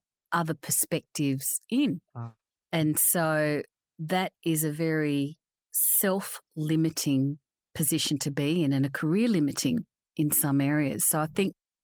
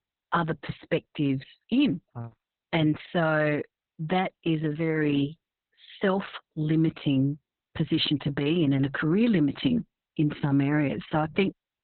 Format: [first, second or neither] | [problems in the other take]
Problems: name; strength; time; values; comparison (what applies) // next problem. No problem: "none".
first | garbled, watery; badly; nothing above 4 kHz; slightly in the first